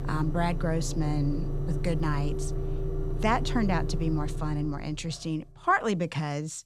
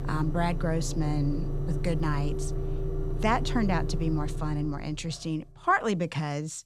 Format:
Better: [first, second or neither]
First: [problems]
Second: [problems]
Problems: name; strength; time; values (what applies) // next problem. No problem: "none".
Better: neither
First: traffic noise; loud; until 4.5 s; 4 dB below the speech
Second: traffic noise; loud; until 4.5 s; 4 dB below the speech